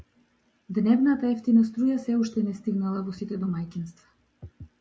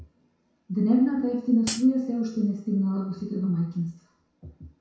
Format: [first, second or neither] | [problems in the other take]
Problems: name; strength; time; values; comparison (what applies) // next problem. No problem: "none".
first | background sound (Hi-hat); 8 dB below the speech // room echo; dies away in 0.6 s